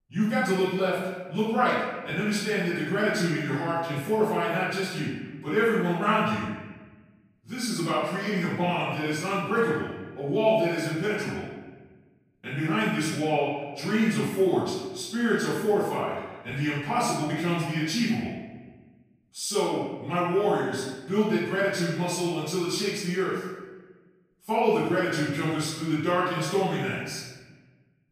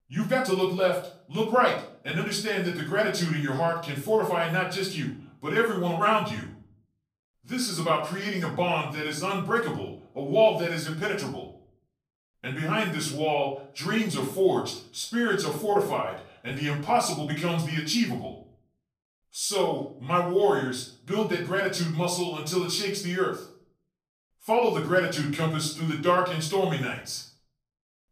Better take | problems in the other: second | room echo; strong; dies away in 1.2 s; slight in the second // off-mic speech; far; far in the second

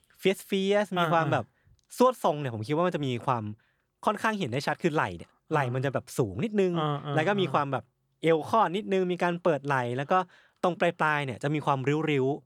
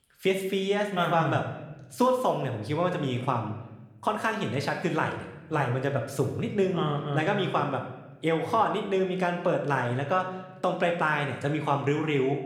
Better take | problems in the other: first | room echo; slight; dies away in 0.8 s

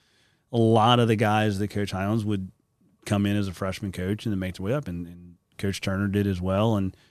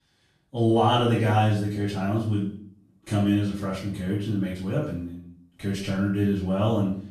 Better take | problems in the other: first | off-mic speech; far // room echo; noticeable; dies away in 0.4 s

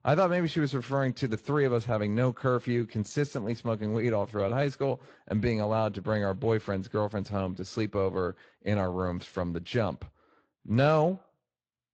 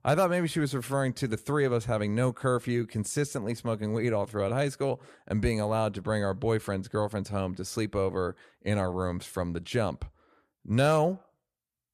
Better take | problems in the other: second | garbled, watery; slightly; nothing above 7.5 kHz

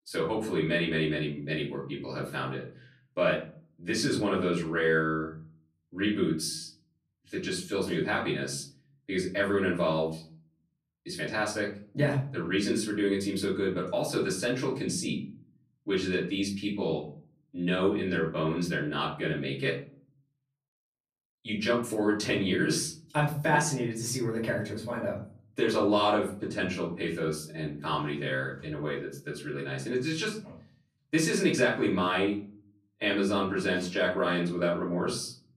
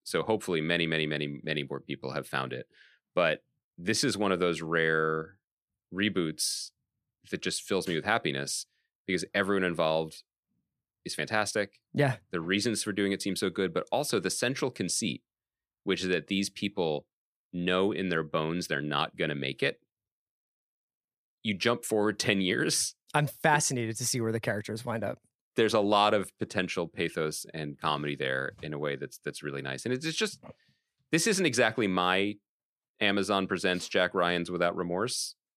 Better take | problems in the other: second | off-mic speech; far // room echo; slight; dies away in 0.5 s

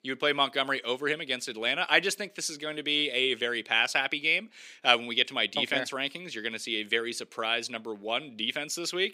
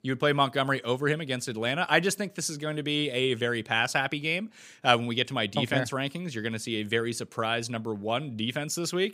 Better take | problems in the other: second | thin; very slightly; fading below 350 Hz

